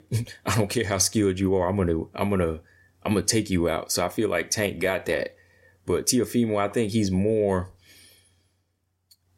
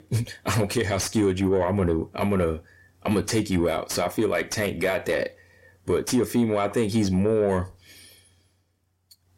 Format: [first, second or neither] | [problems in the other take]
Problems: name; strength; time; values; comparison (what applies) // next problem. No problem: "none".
first | distortion; slight; 10 dB below the speech